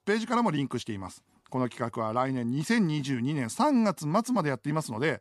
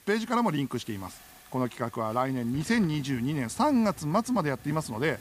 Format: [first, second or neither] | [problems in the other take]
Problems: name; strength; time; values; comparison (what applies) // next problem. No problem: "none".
first | hiss; faint; throughout; 20 dB below the speech